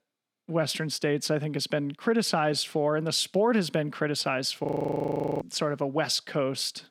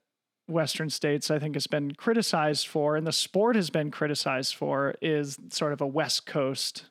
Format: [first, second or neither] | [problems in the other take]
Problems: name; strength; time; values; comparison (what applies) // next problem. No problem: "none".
second | audio freezing; at 4.5 s for 1 s